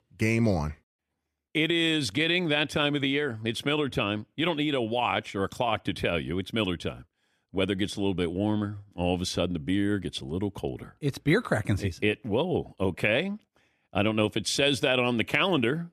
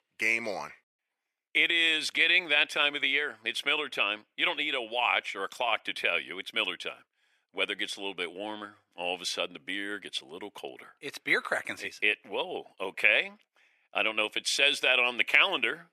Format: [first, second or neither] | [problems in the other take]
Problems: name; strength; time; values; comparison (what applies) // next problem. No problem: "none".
first | thin; very; fading below 600 Hz